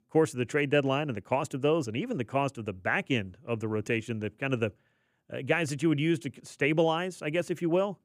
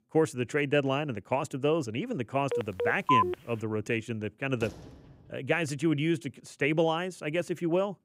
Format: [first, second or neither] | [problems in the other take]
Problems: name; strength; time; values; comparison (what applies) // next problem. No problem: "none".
first | phone ringing; loud; at 2.5 s; peak 4 dB above the speech // door banging; faint; at 4.5 s; peak 15 dB below the speech